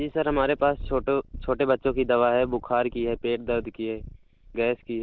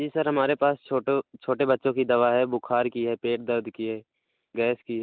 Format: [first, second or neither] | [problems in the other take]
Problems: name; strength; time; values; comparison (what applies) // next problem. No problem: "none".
second | background sound (Purr); 15 dB below the speech